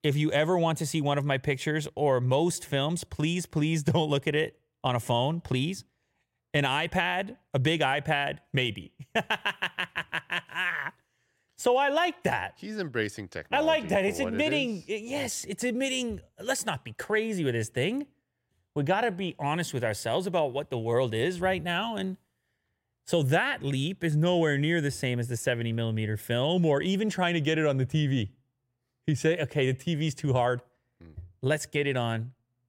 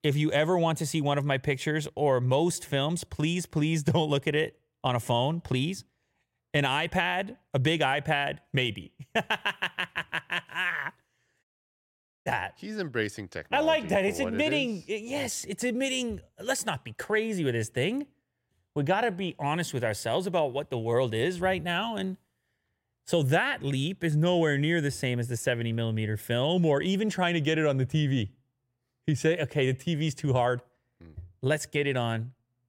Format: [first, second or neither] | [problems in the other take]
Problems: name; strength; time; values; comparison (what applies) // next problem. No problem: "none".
first | audio cutting out; at 11 s for 1 s